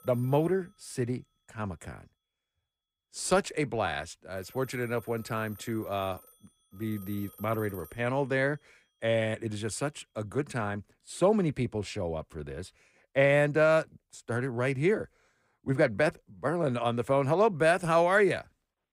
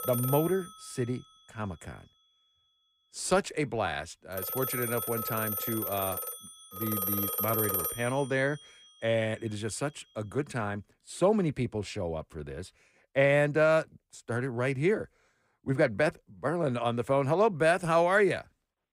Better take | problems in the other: first | alarms or sirens; loud; until 11 s; 3 dB below the speech; faint in the first

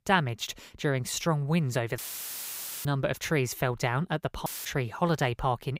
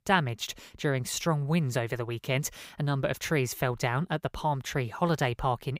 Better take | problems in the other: second | audio cutting out; filled with static; at 2 s for 1 s and at 4.5 s

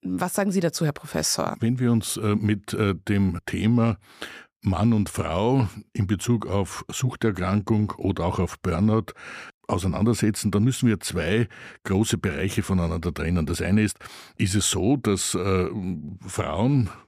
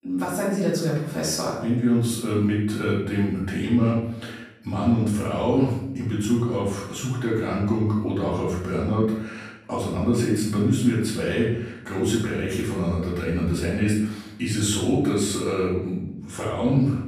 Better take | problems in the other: first | off-mic speech; far // room echo; noticeable; dies away in 0.7 s

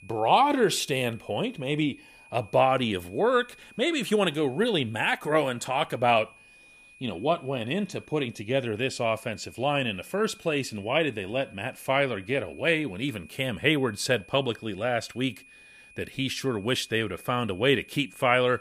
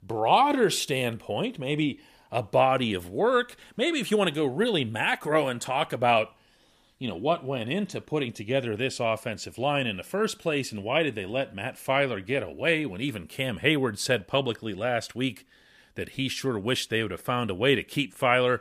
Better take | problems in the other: second | high-pitched whine; faint; throughout; 2.5 kHz, 25 dB below the speech

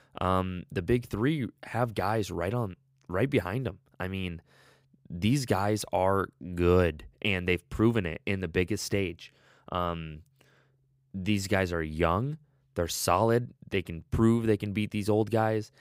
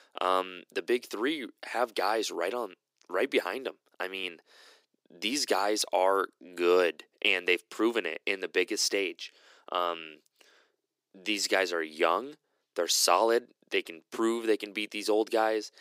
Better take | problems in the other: first | thin; very; fading below 300 Hz

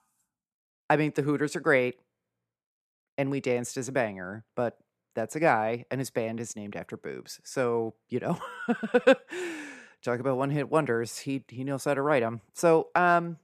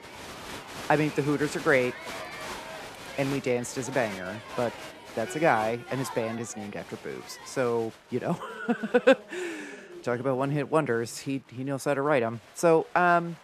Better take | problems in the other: first | crowd noise; noticeable; throughout; 15 dB below the speech

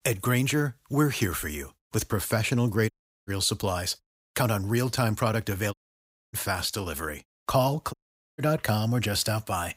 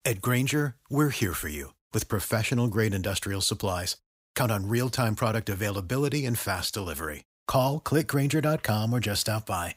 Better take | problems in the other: second | audio cutting out; at 3 s, at 5.5 s for 0.5 s and at 8 s

